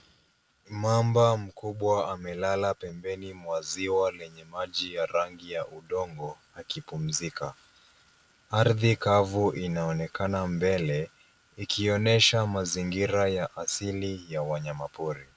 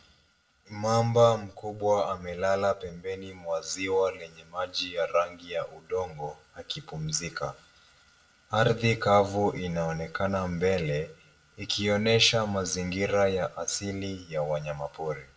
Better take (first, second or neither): first